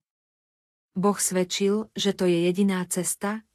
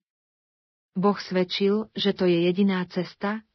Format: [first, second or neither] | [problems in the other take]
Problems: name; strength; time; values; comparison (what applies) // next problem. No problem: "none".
first | garbled, watery; badly; nothing above 5.5 kHz; slightly in the first